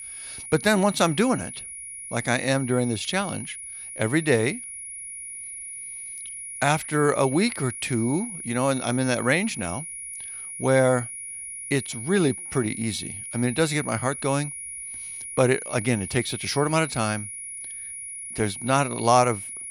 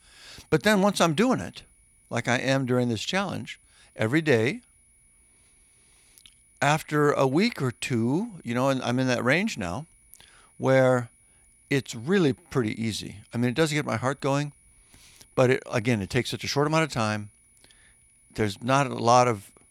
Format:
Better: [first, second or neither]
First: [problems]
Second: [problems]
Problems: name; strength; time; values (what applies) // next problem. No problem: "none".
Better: second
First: high-pitched whine; loud; throughout; 10.5 kHz, 9 dB below the speech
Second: high-pitched whine; faint; throughout; 10.5 kHz, 30 dB below the speech